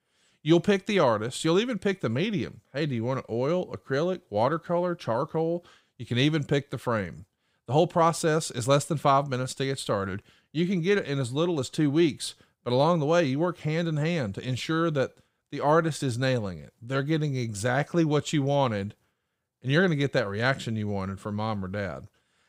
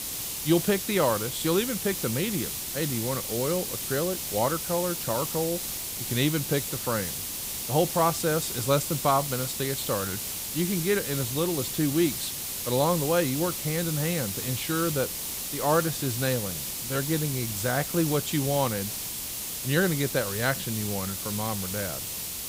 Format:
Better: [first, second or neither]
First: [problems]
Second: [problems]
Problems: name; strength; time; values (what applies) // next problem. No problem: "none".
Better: first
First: none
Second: hiss; loud; throughout; 2 dB below the speech